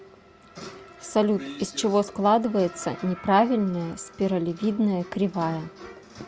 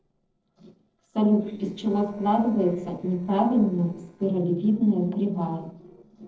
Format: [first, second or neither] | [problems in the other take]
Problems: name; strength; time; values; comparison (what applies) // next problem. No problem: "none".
first | noise reduction (neural separator model SepFormer DNS4)